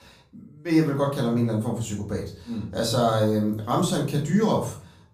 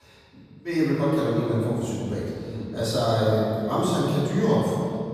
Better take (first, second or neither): first